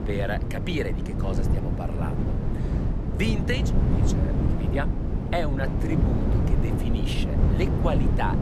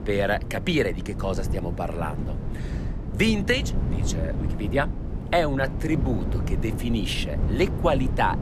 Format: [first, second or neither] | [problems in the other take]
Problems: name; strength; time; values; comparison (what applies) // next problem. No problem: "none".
second | wind noise on the microphone; heavy; 2 dB below the speech; occasional gusts in the second